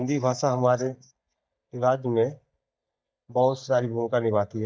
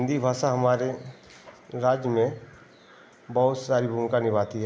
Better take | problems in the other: second | noise reduction (neural mask model DeepFilterNet 3)

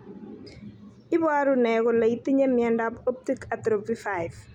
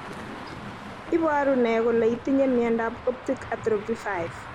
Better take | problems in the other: first | background sound (Traffic noise, roadway noise); 14 dB below the speech

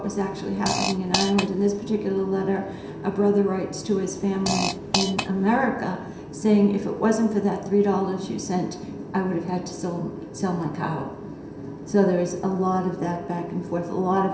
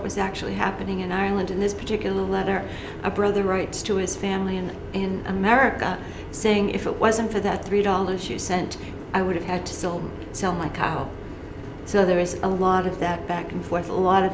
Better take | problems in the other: second | background sound (Fart); 6 dB below the speech // room echo; dies away in 0.7 s

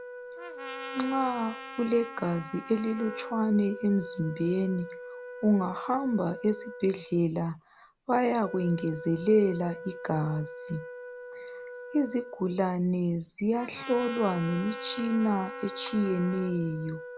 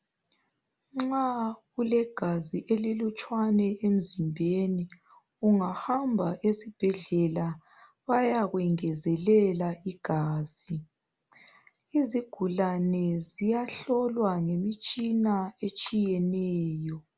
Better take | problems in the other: second | background sound (Trumpet + Wind instrument, woodwind instrument); 12 dB below the speech

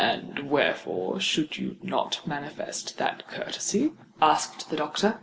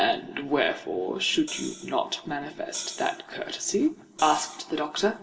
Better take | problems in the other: first | background sound (Hi-hat); 13 dB below the speech // room echo; dies away in 0.9 s

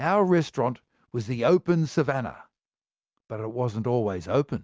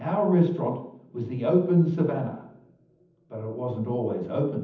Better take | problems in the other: first | room echo; dies away in 0.8 s

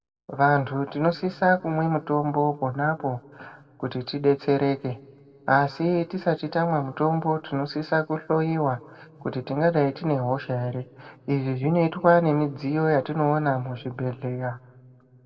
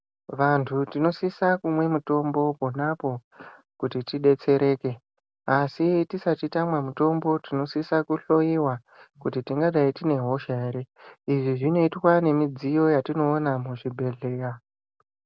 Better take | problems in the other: second | room echo; dies away in 1.7 s

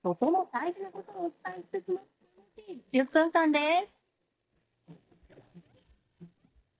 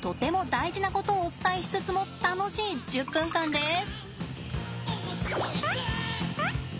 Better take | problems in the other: second | noise reduction (neural mask model DeepFilterNet 3)

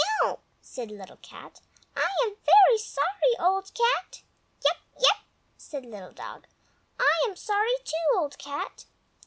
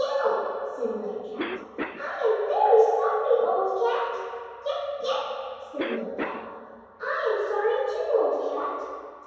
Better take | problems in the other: first | background sound (Cough); 15 dB below the speech // room echo; dies away in 2.2 s

